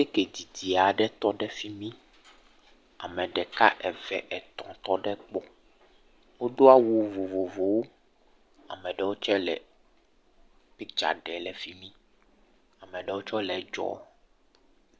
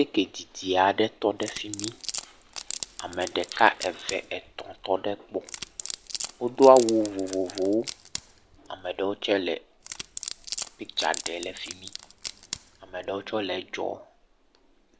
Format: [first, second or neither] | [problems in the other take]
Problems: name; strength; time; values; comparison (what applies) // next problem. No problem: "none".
first | background sound (Wood); 12 dB below the speech